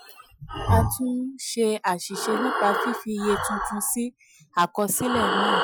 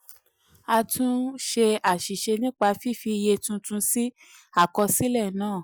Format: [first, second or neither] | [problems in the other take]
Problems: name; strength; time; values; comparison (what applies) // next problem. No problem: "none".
second | noise reduction (classical method Wiener filter)